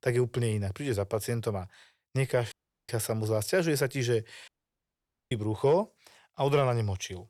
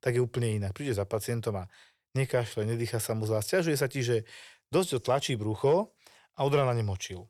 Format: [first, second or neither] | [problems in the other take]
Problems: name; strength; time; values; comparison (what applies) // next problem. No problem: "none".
second | audio cutting out; at 2.5 s and at 4.5 s for 1 s